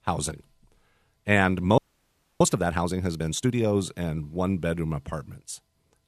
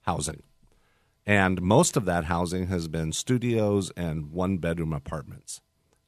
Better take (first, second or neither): second